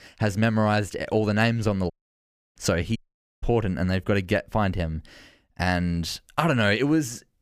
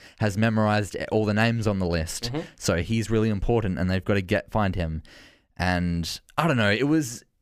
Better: second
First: audio cutting out; at 2 s for 0.5 s and at 3 s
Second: none

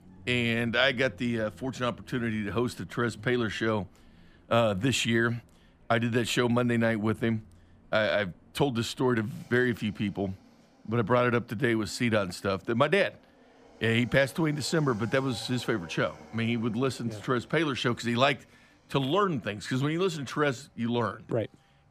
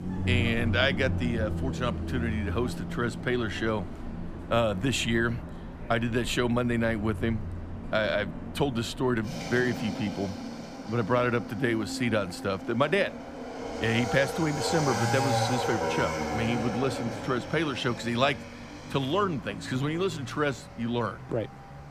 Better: first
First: traffic noise; faint; throughout; 25 dB below the speech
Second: traffic noise; loud; throughout; 6 dB below the speech

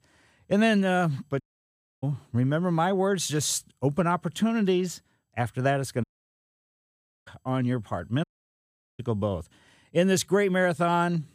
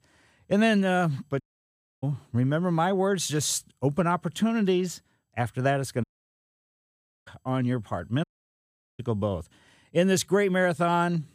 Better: neither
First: audio cutting out; at 1.5 s for 0.5 s, at 6 s for 1 s and at 8 s for 1 s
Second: audio cutting out; at 1.5 s for 0.5 s, at 6 s for 1 s and at 8 s for 1 s

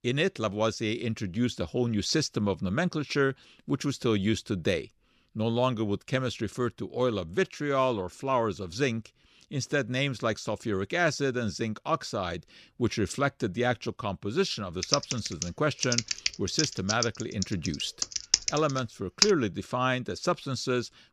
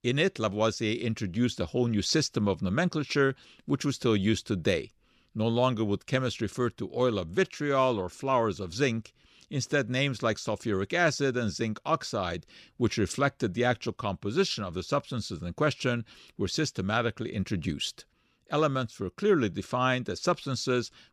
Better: second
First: keyboard typing; loud; from 15 to 19 s; peak 5 dB above the speech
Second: none

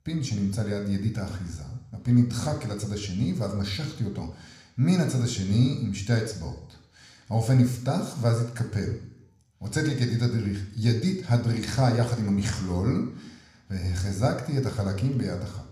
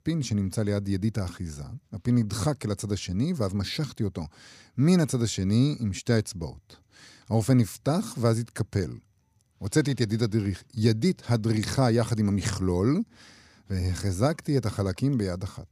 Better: second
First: room echo; slight; dies away in 0.7 s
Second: none

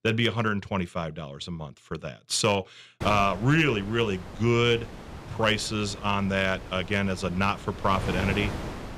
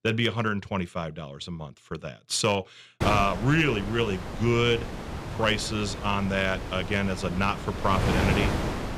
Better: first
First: wind noise on the microphone; occasional gusts; from 3 s on; 15 dB below the speech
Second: wind noise on the microphone; heavy; from 3 s on; 7 dB below the speech

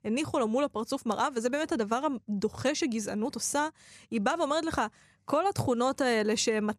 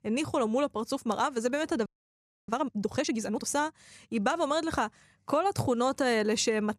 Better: first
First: none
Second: audio freezing; at 2 s for 0.5 s

